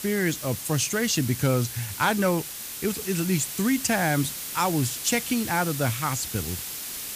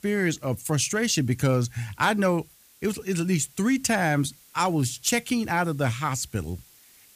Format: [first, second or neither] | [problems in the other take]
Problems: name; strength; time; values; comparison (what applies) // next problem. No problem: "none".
second | hiss; loud; throughout; 6 dB below the speech; faint in the second